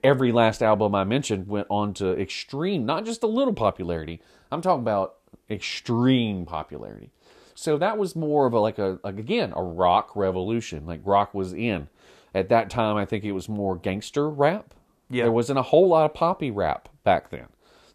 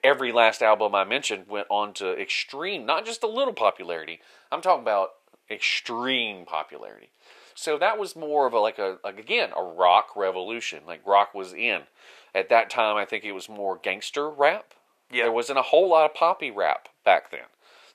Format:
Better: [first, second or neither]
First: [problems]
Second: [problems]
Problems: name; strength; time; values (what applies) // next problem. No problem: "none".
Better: first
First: none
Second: thin; very; fading below 600 Hz